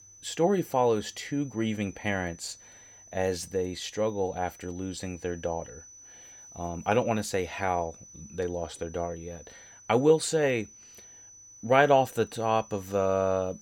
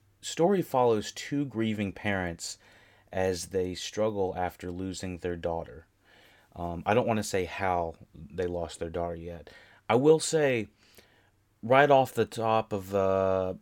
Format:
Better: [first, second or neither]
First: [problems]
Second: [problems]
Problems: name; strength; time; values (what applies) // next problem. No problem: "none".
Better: second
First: high-pitched whine; faint; throughout; 6 kHz, 20 dB below the speech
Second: none